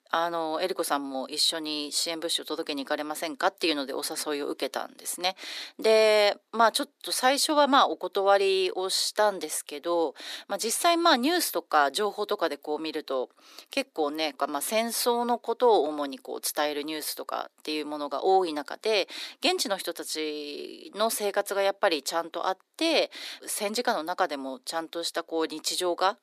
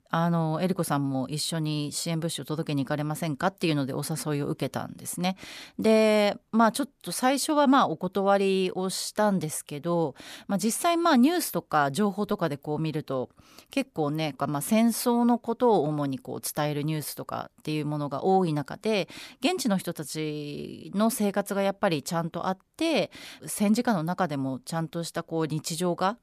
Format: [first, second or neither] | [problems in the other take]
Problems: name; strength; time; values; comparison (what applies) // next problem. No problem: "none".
second | thin; somewhat; fading below 300 Hz